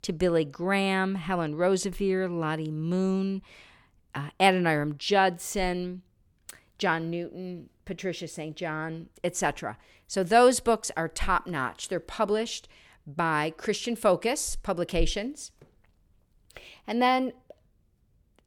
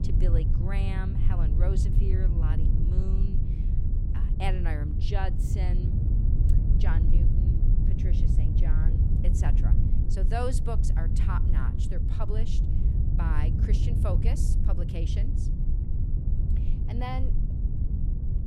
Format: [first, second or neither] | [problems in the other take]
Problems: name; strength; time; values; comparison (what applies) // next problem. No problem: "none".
first | low rumble; loud; throughout; 3 dB below the speech